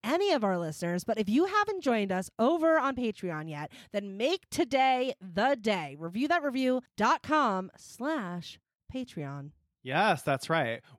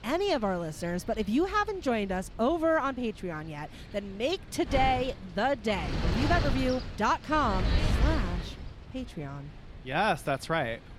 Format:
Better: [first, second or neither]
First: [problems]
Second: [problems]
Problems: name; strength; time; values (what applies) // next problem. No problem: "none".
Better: first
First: none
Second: wind noise on the microphone; heavy; 8 dB below the speech